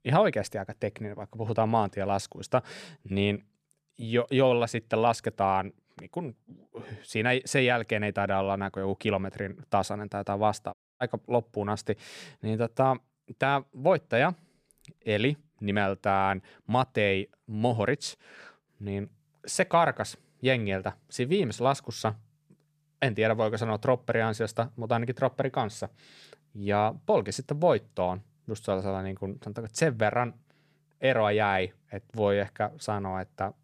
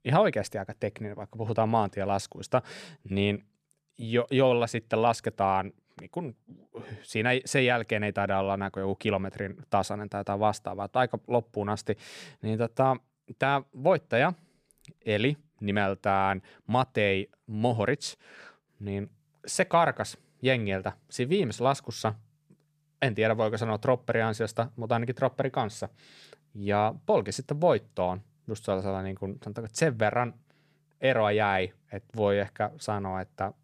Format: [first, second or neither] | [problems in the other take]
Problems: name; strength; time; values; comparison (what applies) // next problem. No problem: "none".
second | audio cutting out; at 11 s